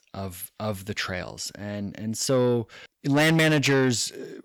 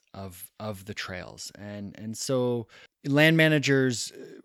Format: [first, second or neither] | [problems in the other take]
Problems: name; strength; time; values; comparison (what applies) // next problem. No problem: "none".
second | distortion; heavy; 8 dB below the speech